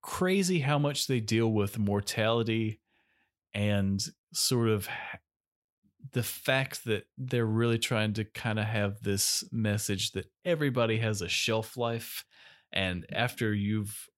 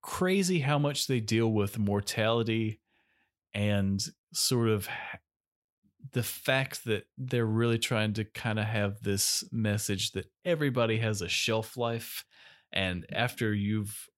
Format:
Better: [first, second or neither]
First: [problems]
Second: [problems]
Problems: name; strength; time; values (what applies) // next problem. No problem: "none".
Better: neither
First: none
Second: none